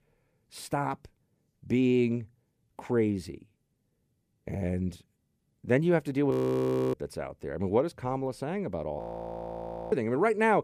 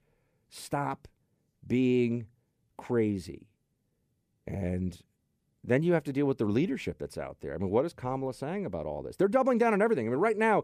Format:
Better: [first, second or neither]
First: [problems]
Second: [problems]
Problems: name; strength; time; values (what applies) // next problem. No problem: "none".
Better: second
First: audio freezing; at 6.5 s for 0.5 s and at 9 s for 1 s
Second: none